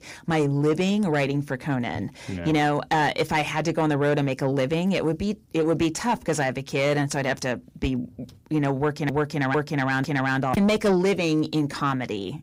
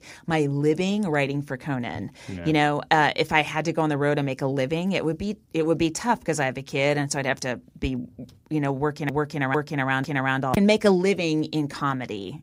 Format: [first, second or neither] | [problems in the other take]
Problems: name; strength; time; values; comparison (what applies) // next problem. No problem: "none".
second | distortion; slight; 10 dB below the speech